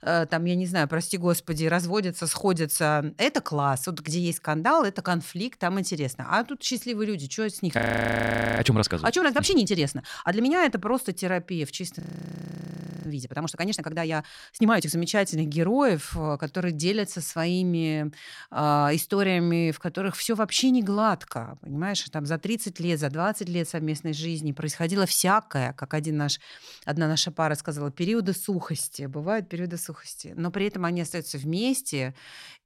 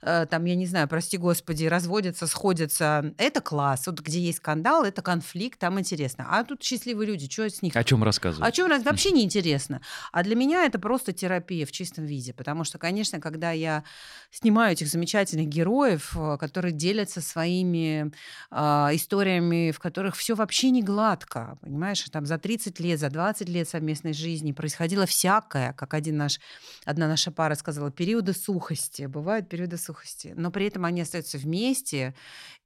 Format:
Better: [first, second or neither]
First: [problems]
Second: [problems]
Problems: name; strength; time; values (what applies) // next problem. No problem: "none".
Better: second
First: audio freezing; at 8 s for 1 s and at 12 s for 1 s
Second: none